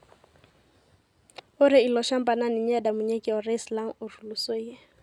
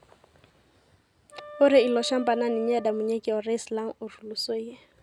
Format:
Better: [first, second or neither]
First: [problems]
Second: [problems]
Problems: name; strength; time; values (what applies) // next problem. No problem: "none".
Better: first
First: none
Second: background sound (Wind instrument, woodwind instrument); 15 dB below the speech